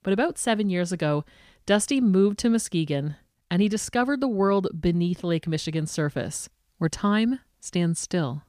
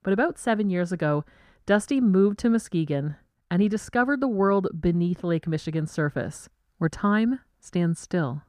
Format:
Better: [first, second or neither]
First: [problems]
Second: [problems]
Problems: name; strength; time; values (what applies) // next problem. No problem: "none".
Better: first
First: none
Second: muffled; slightly; fading above 2 kHz